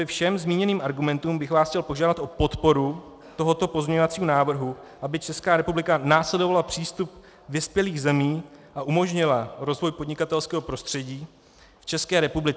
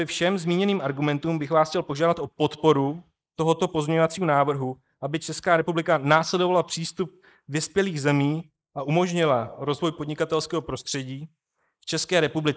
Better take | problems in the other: first | noise reduction (neural mask model Resemble Enhance denoiser)

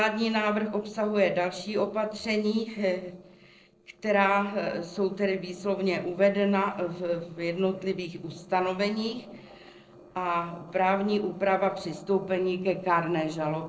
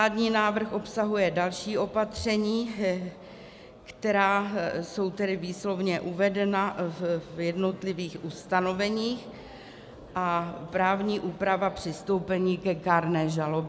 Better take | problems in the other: second | noise reduction (neural separator model SepFormer DNS4)

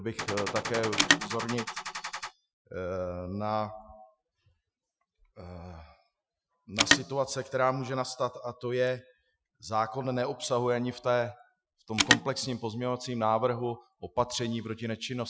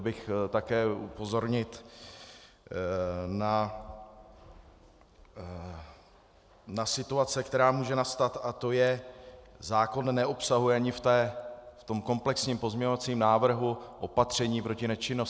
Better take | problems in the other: second | noise reduction (classical method Wiener filter)

